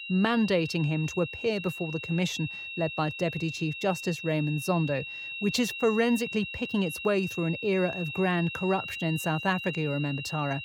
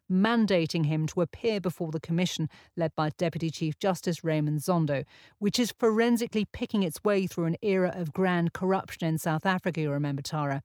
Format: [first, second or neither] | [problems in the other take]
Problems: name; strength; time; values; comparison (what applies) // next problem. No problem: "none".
second | high-pitched whine; loud; throughout; 2.5 kHz, 7 dB below the speech